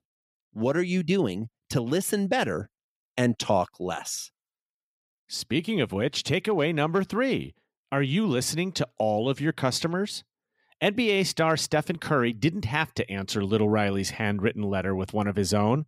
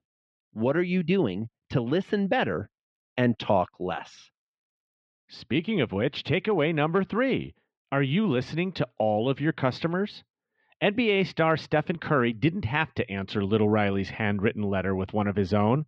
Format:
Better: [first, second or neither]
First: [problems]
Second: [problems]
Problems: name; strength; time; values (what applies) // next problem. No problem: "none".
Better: first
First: none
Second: muffled; slightly; fading above 3.5 kHz